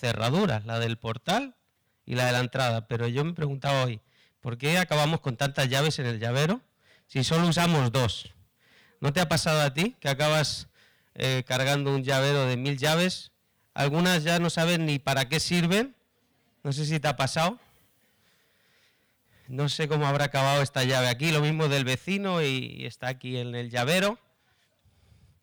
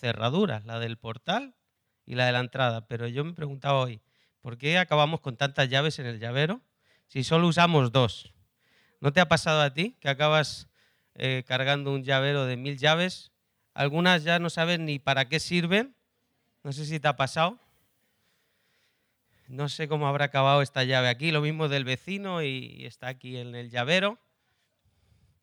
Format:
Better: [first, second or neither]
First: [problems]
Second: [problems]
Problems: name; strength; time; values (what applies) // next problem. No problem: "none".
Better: second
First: distortion; heavy; 13% of the sound clipped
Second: none